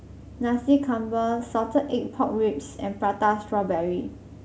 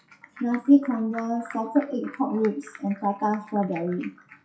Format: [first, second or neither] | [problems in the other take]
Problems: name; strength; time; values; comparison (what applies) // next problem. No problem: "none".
first | noise reduction (classical method WPE with log-MMSE)